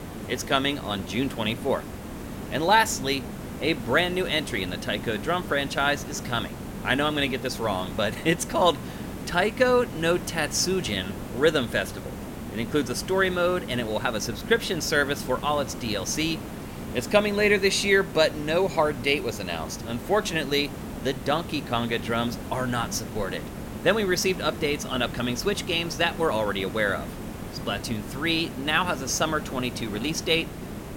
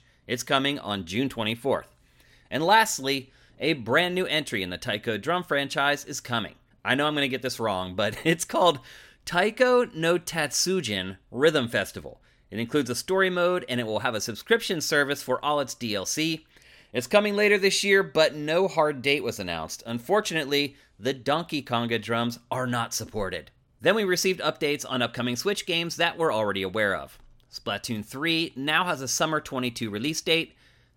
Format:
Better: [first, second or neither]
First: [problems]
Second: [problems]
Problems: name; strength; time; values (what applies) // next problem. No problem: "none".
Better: second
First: hiss; noticeable; throughout; 10 dB below the speech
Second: none